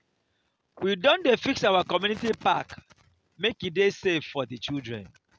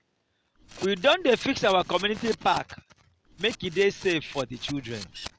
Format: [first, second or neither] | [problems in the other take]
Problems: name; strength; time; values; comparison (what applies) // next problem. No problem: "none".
first | background sound (Camera); 16 dB below the speech